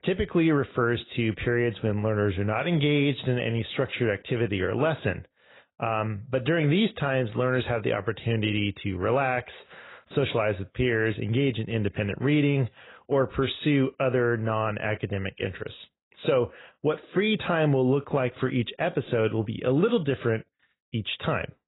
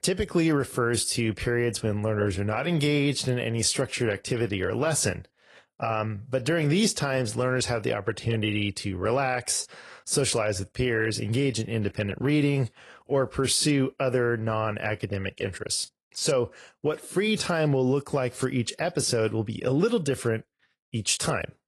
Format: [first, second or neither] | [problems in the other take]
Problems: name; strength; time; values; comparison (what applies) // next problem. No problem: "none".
second | garbled, watery; badly; nothing above 4 kHz; slightly in the second